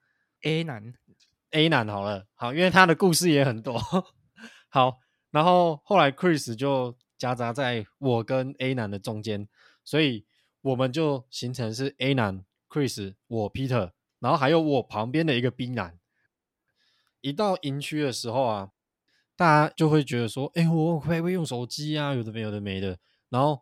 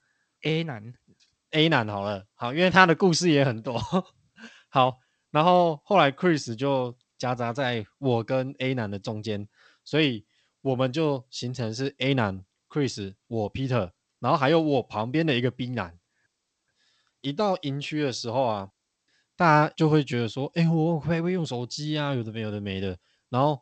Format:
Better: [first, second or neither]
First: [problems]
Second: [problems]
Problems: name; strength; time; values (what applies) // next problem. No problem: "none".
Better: first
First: none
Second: garbled, watery; slightly; nothing above 8 kHz